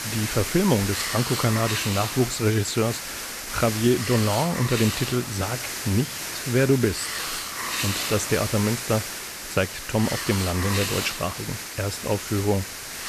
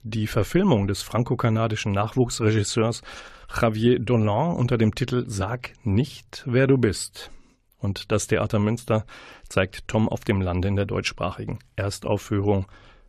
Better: second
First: hiss; loud; throughout; 4 dB below the speech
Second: none

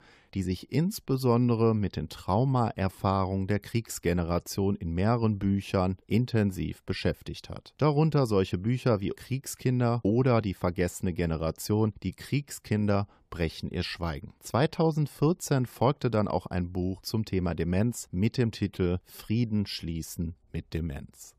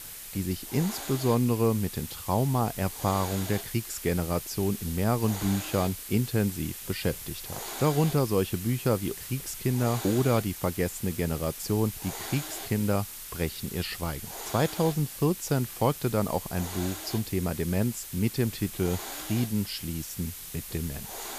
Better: first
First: none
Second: hiss; loud; throughout; 8 dB below the speech

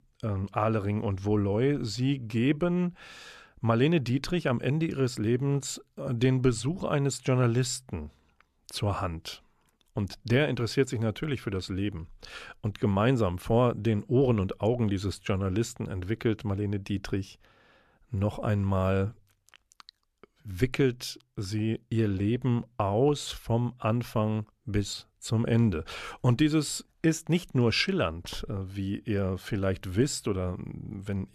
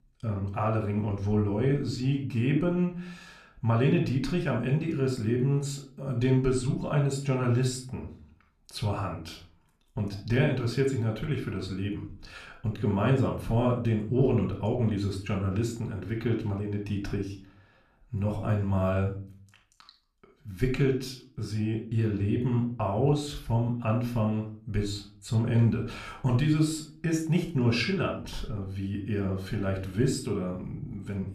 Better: first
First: none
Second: off-mic speech; somewhat distant // room echo; slight; dies away in 0.4 s

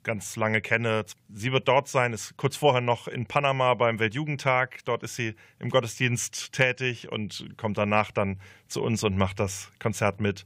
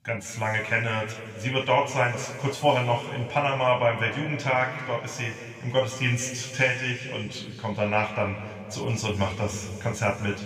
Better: first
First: none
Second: room echo; noticeable; dies away in 2.3 s // off-mic speech; somewhat distant

